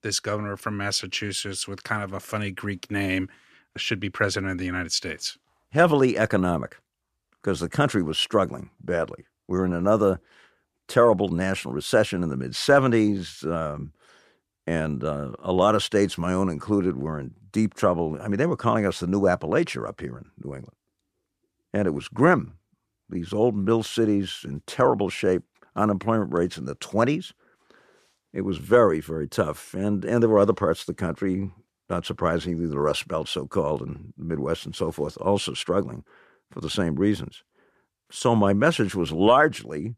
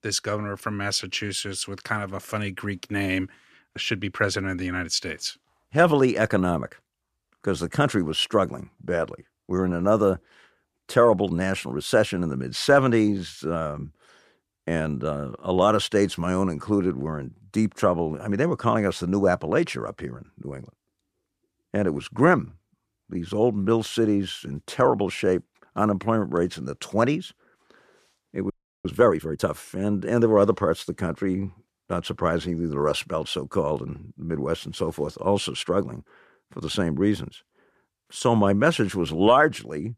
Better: first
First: none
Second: audio freezing; at 29 s

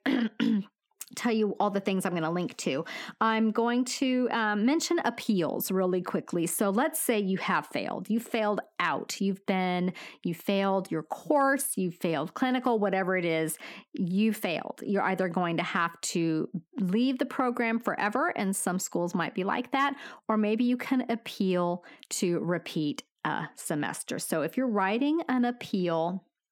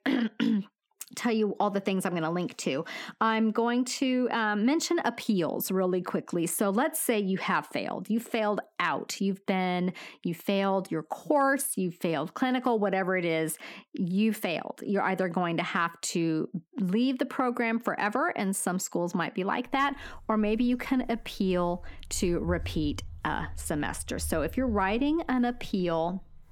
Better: first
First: none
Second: footsteps; noticeable; from 20 s on; peak 9 dB below the speech

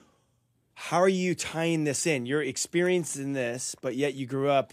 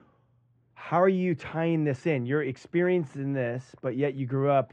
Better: first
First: none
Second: muffled; very; fading above 1.5 kHz

